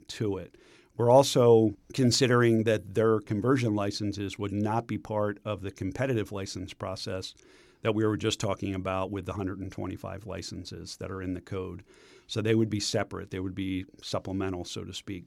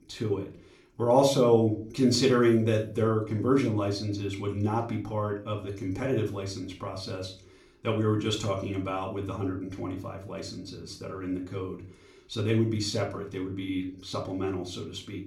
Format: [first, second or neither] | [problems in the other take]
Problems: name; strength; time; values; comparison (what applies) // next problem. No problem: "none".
first | off-mic speech; far // room echo; slight; dies away in 0.3 s